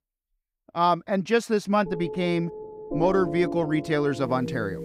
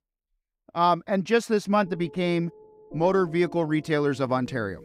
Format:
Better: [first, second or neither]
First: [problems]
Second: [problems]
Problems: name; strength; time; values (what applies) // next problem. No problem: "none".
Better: second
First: background music; loud; throughout; 9 dB below the speech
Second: background music; faint; throughout; 20 dB below the speech